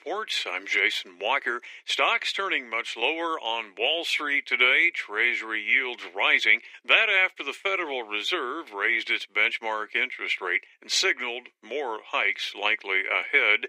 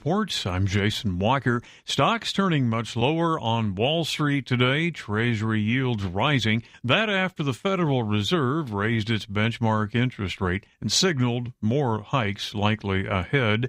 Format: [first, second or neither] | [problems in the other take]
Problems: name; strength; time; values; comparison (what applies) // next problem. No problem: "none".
second | thin; very; fading below 350 Hz